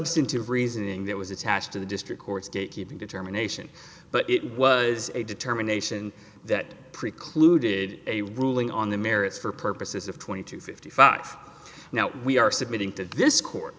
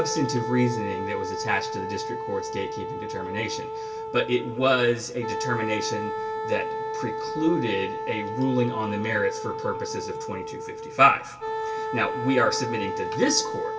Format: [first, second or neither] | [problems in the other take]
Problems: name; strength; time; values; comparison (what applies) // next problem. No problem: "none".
first | background sound (Wind instrument, woodwind instrument); 4 dB below the speech // room echo; dies away in 0.2 s